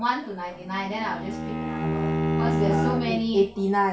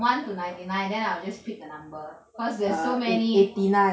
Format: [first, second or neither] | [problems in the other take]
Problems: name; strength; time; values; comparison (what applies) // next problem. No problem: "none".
second | background sound (Bowed string instrument); 1 dB below the speech